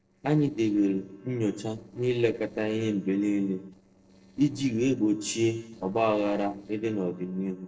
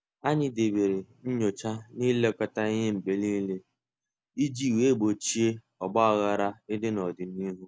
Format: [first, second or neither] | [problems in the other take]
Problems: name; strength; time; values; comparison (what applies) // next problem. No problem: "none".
second | noise reduction (neural separator model SepFormer DNS4)